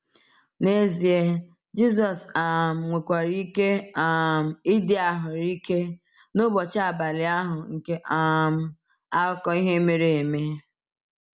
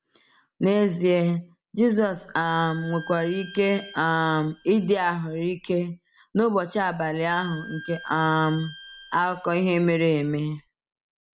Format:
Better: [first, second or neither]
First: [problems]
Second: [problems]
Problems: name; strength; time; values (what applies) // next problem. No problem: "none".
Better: first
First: none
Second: background sound (Bowed string instrument); 19 dB below the speech